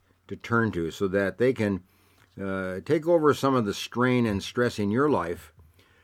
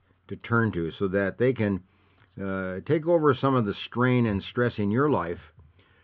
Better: first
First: none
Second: muffled; very; fading above 3.5 kHz

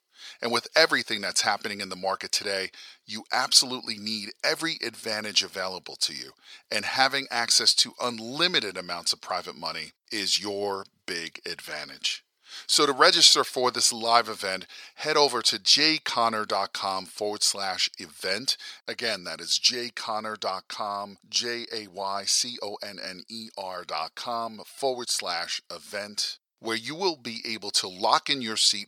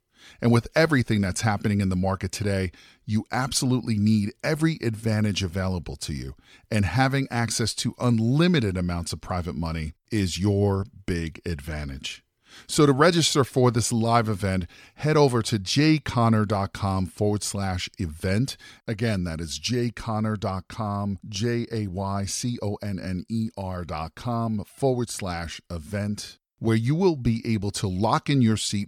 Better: second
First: thin; very; fading below 600 Hz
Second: none

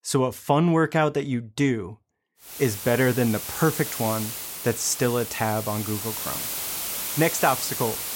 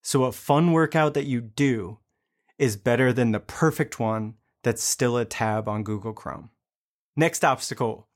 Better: second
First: hiss; loud; from 2.5 s on; 5 dB below the speech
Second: none

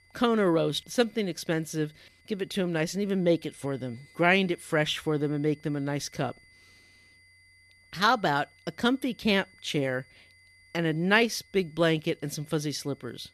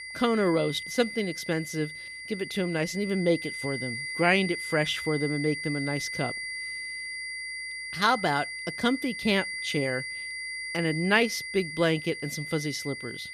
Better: first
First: high-pitched whine; faint; throughout; 2 kHz, 30 dB below the speech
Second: high-pitched whine; loud; throughout; 2 kHz, 6 dB below the speech

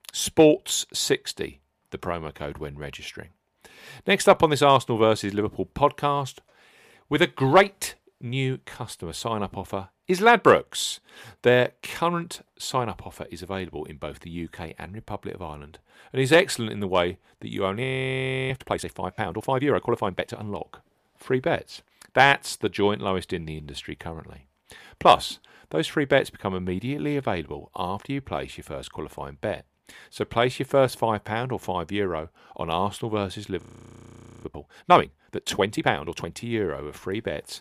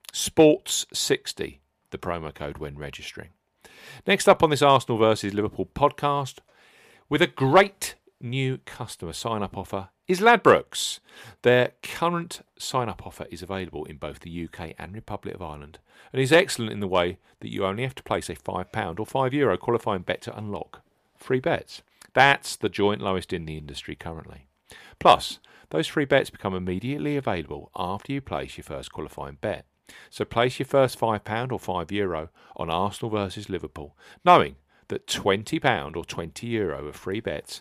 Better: second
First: audio freezing; at 18 s for 0.5 s and at 34 s for 1 s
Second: none

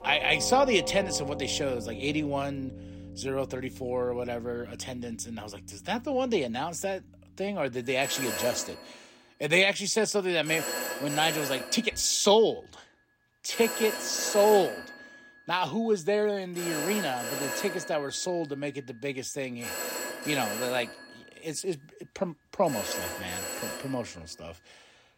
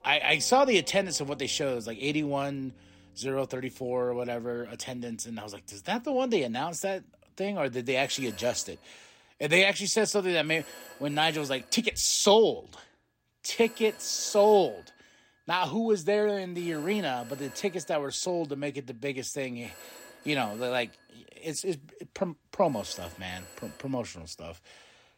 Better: second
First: alarms or sirens; loud; throughout; 7 dB below the speech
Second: alarms or sirens; faint; throughout; 20 dB below the speech

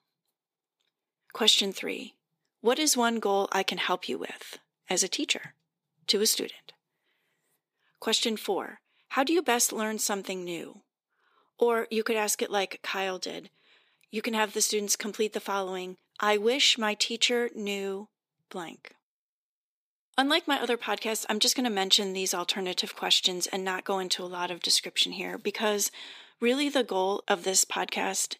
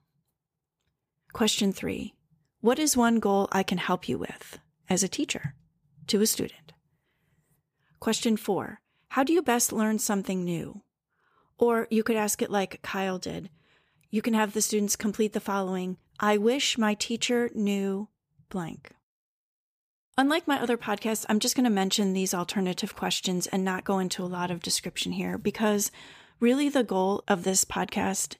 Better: second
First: thin; very slightly; fading below 300 Hz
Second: none

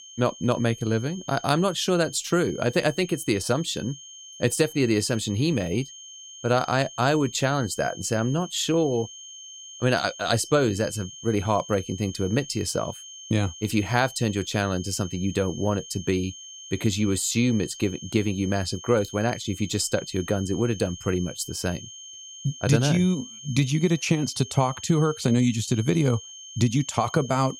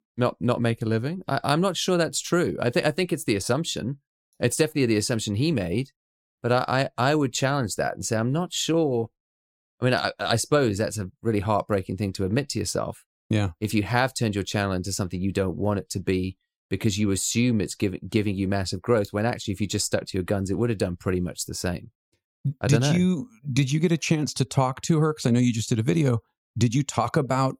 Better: second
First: high-pitched whine; noticeable; throughout; 3 kHz, 15 dB below the speech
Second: none

